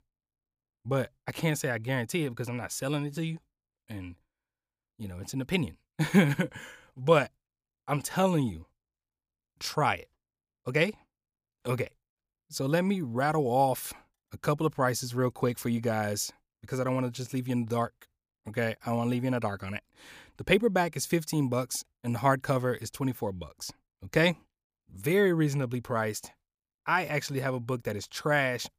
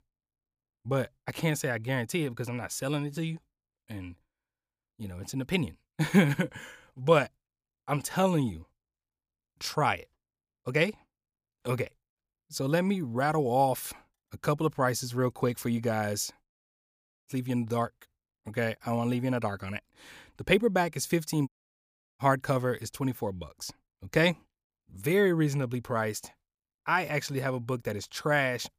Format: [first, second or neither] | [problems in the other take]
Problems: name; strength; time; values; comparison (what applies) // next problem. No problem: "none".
first | audio cutting out; at 16 s for 1 s and at 21 s for 0.5 s